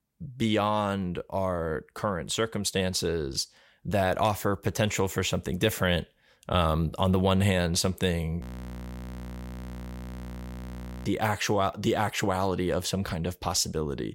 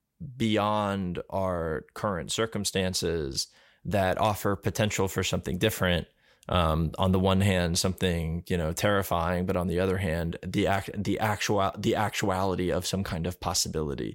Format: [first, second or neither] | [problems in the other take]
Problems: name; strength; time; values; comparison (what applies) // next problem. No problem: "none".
second | audio freezing; at 8.5 s for 2.5 s